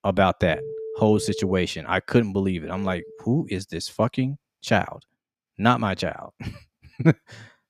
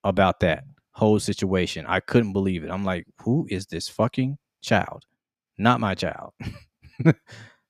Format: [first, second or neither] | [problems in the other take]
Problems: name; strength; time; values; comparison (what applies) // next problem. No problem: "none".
second | alarms or sirens; noticeable; until 3 s; 10 dB below the speech